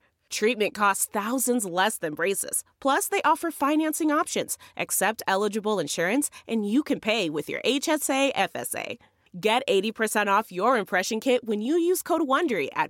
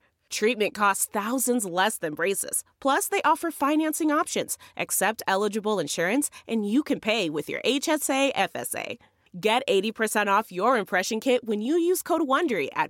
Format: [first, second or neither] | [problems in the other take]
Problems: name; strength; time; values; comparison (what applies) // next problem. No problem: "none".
neither | none